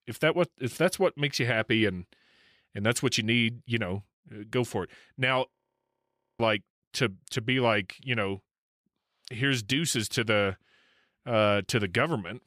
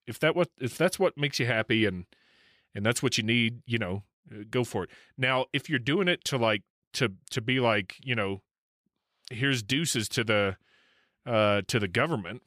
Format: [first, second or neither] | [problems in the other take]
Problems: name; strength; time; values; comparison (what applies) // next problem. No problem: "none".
second | audio freezing; at 5.5 s for 1 s